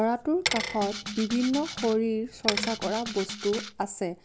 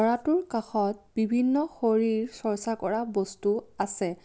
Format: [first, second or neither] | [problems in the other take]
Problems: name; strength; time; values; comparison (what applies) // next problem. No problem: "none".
second | background sound (Bicycle + Rattle (instrument)); 6 dB below the speech